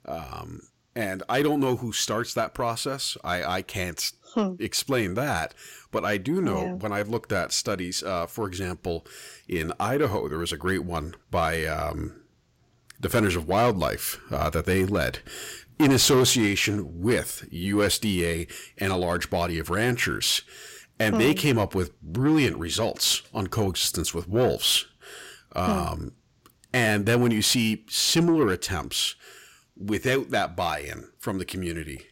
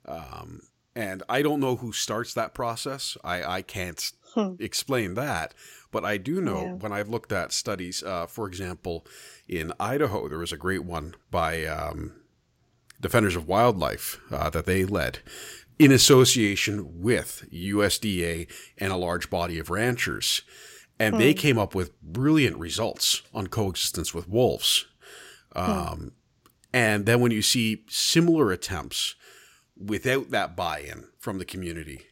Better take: second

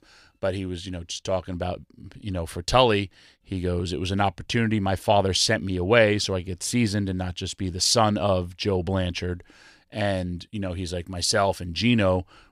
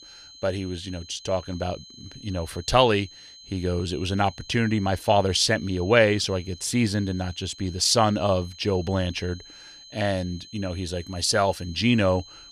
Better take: first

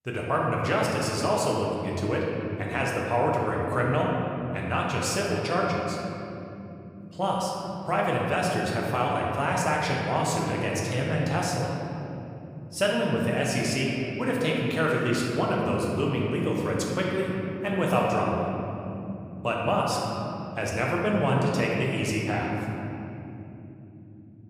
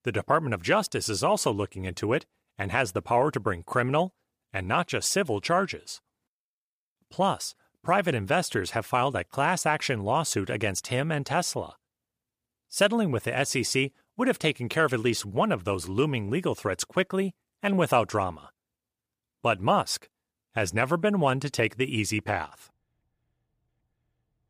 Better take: second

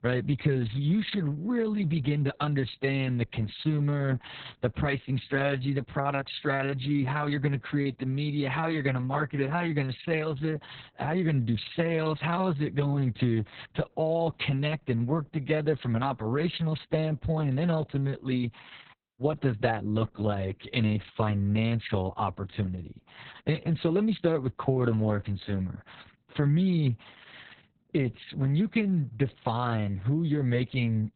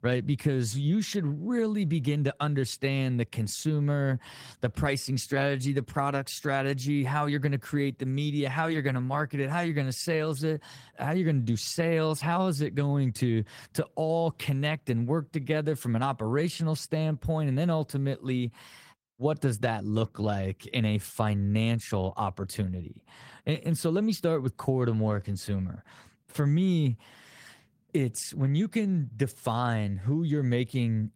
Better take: second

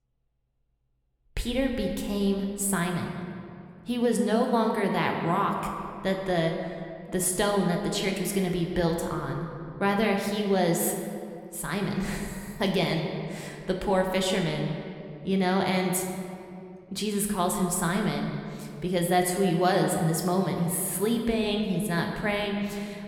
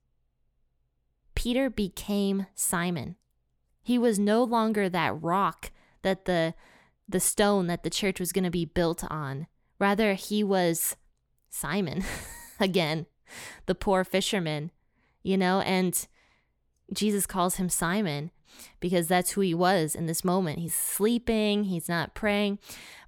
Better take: second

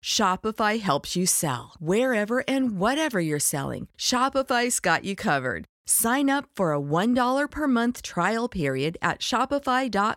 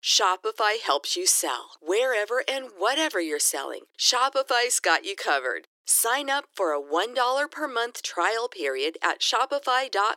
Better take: first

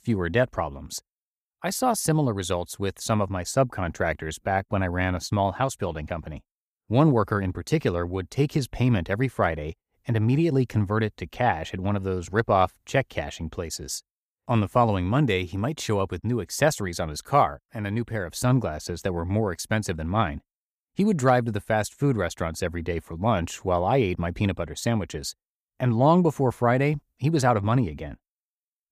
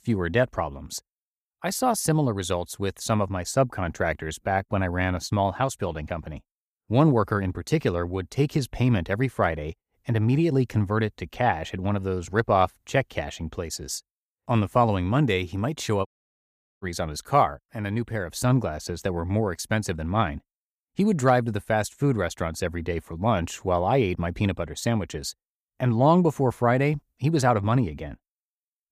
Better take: first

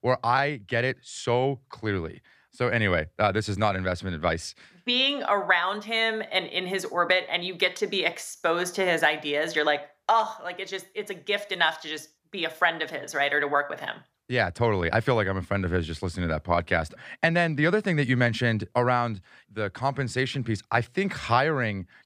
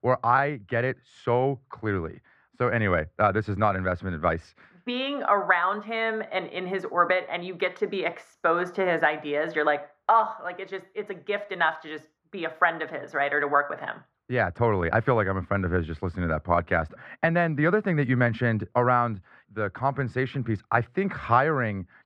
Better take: first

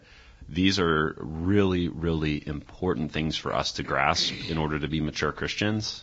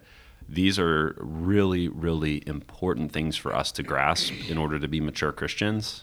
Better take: second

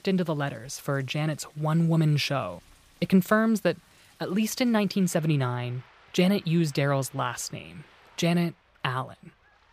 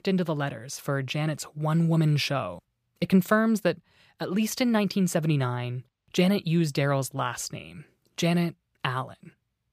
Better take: second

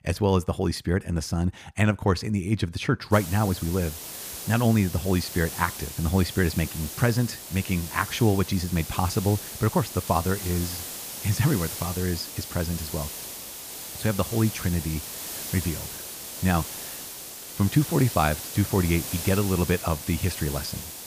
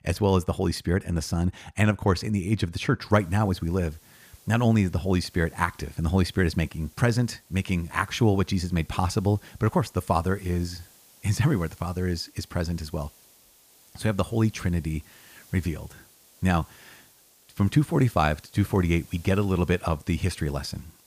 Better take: second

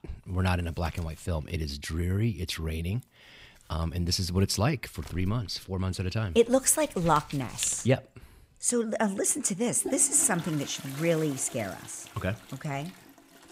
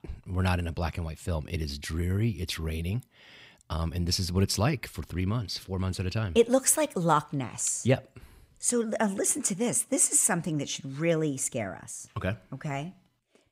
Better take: second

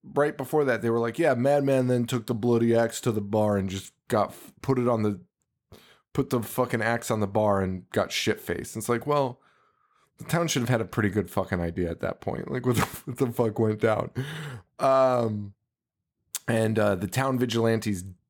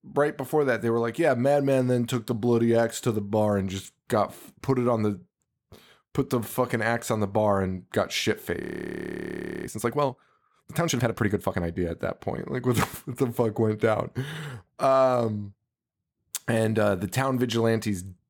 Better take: first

